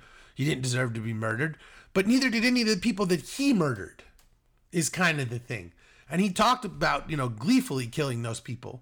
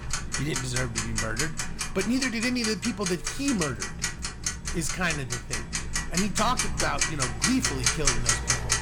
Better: first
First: none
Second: household noises; very loud; throughout; 1 dB above the speech

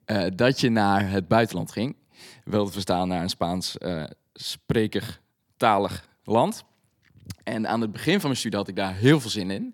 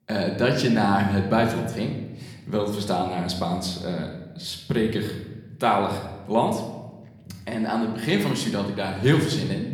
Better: first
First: none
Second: room echo; slight; dies away in 1 s // off-mic speech; somewhat distant

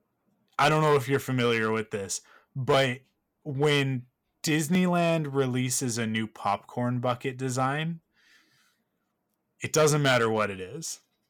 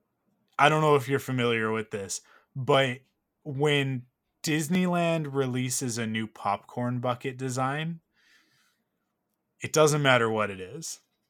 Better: second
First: distortion; slight; 1.7% of the sound clipped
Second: none

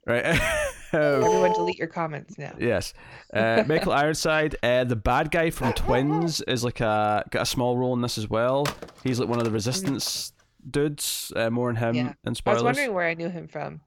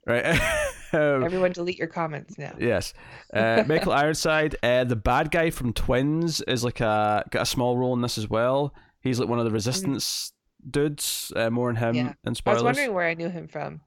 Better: second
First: alarm; loud; at 1 s; peak 2 dB above the speech // dog barking; noticeable; at 5.5 s; peak 4 dB below the speech // phone ringing; noticeable; from 8.5 to 10 s; peak 8 dB below the speech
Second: none

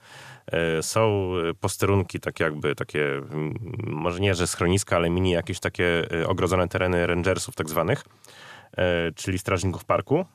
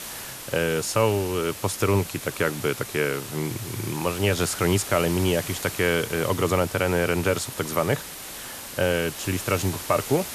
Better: first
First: none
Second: hiss; loud; throughout; 9 dB below the speech

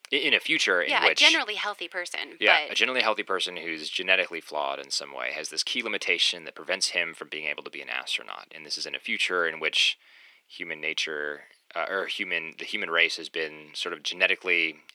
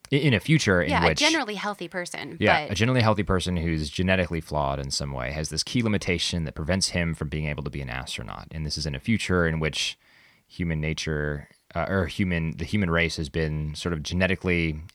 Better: second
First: thin; very; fading below 350 Hz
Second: none

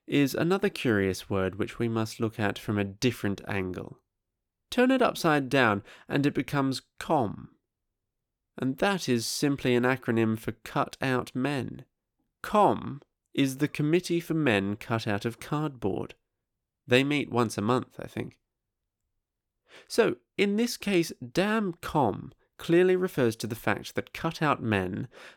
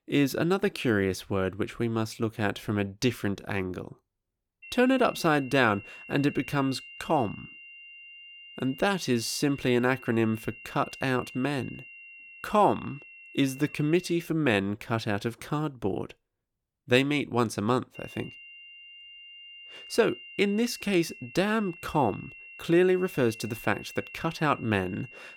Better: first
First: none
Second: high-pitched whine; noticeable; from 4.5 to 14 s and from 18 s on; 2.5 kHz, 15 dB below the speech

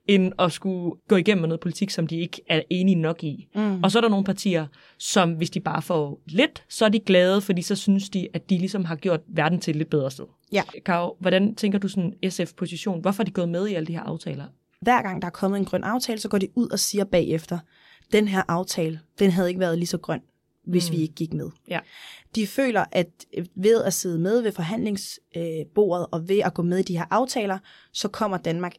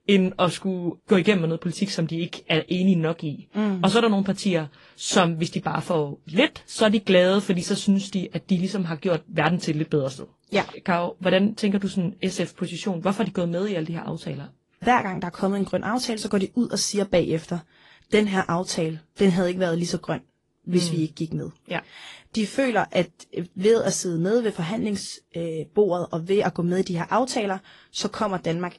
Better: first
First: none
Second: garbled, watery; slightly; nothing above 11 kHz

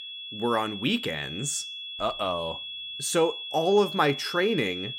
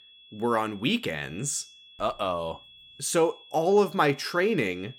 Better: second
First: high-pitched whine; loud; throughout; 3.5 kHz, 7 dB below the speech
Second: high-pitched whine; faint; throughout; 3.5 kHz, 20 dB below the speech

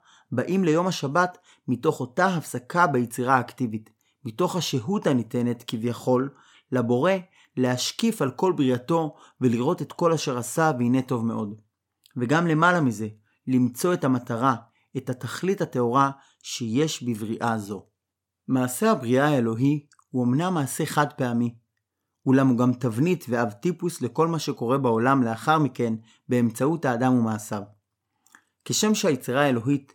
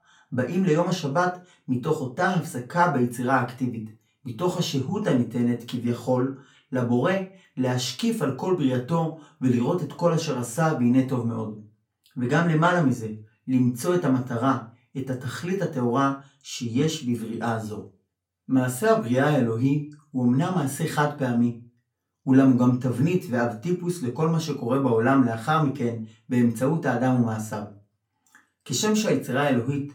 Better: first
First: none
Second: off-mic speech; far // room echo; very slight; dies away in 0.3 s

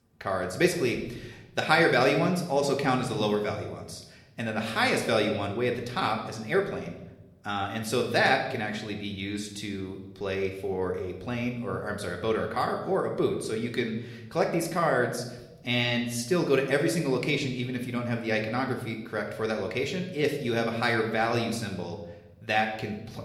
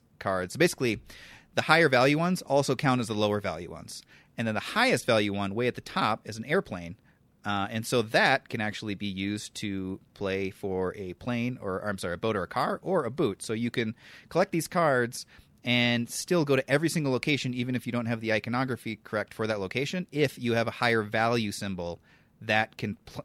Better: second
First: room echo; slight; dies away in 0.8 s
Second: none

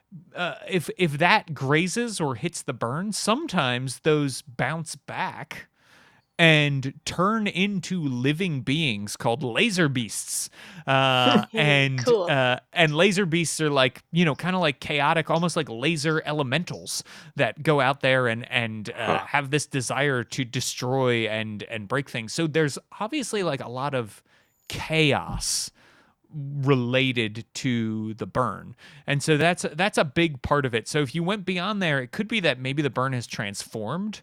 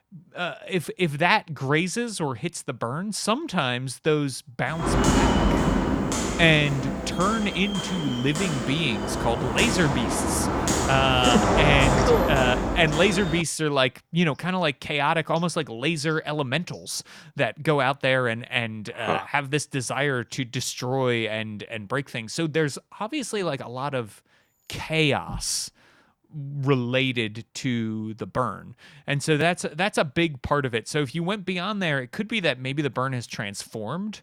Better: first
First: none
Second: footsteps; loud; from 5 to 13 s; peak 5 dB above the speech

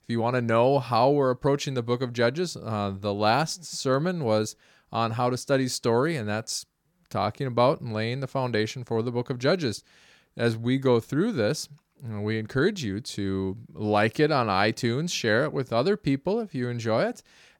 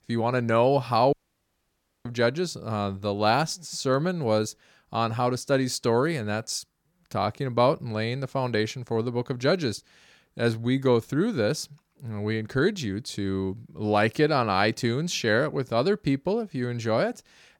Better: first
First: none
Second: audio cutting out; at 1 s for 1 s

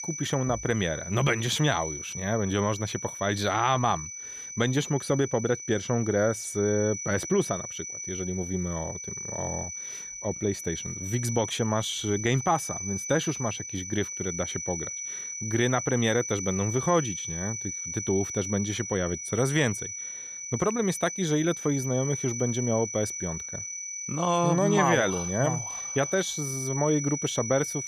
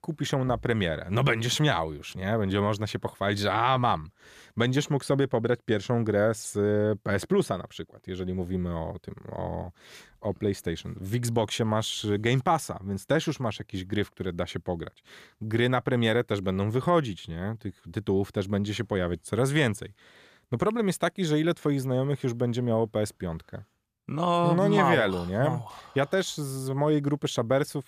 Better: second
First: high-pitched whine; loud; throughout; 6 kHz, 6 dB below the speech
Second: none

